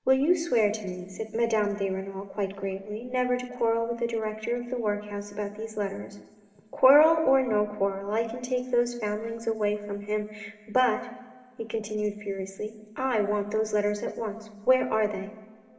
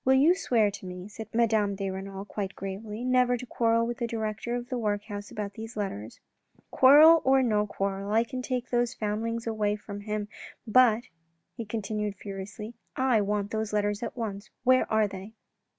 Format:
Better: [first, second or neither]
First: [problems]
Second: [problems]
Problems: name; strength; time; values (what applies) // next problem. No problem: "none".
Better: second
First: room echo; dies away in 3 s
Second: none